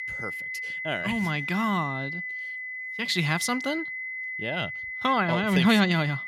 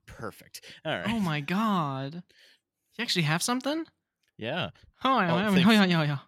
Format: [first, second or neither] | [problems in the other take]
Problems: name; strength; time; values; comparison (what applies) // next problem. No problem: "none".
second | high-pitched whine; loud; throughout; 2 kHz, 6 dB below the speech